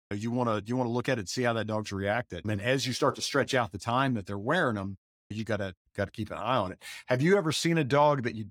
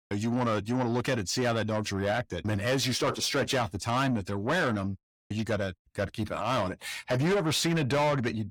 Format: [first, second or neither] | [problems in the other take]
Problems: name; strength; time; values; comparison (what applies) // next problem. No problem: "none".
first | distortion; heavy; 7 dB below the speech